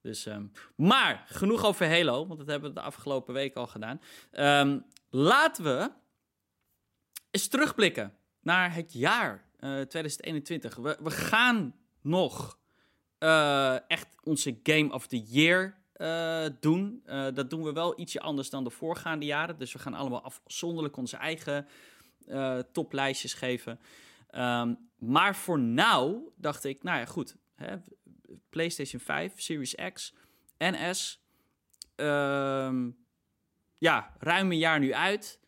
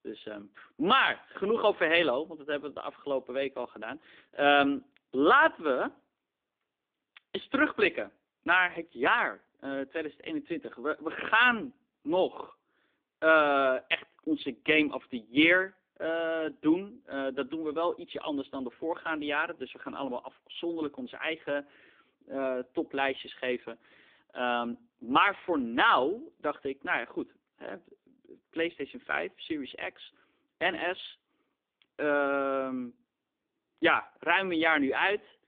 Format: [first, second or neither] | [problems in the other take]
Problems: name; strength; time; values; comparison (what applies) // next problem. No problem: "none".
first | phone-call audio; poor line; nothing above 3.5 kHz